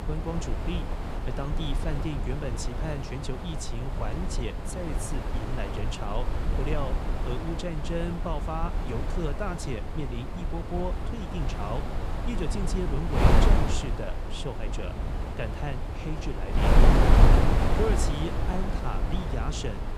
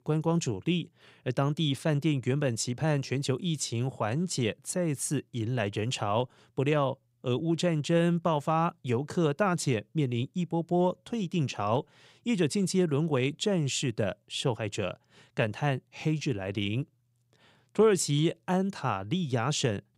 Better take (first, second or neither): second